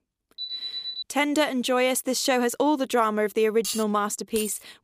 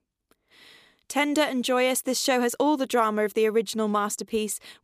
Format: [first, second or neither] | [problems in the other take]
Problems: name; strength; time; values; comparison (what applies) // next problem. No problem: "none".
second | alarm; noticeable; at 0.5 s; peak 6 dB below the speech // clattering dishes; noticeable; at 3.5 s; peak 8 dB below the speech // jangling keys; noticeable; at 4.5 s; peak 10 dB below the speech